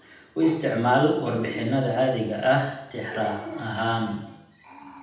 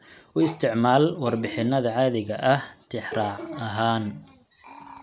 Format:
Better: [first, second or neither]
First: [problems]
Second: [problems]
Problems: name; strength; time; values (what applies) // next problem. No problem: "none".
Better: second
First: room echo; dies away in 0.8 s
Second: none